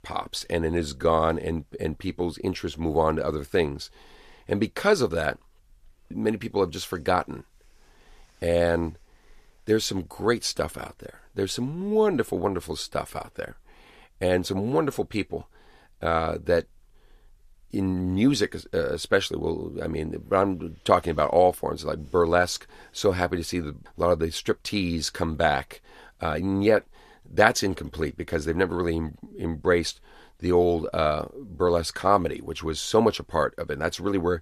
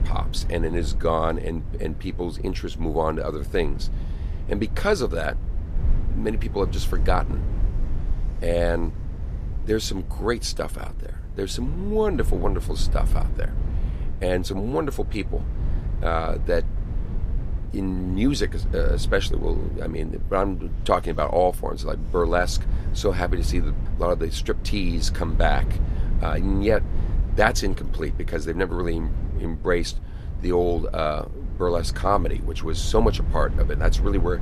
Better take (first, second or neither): first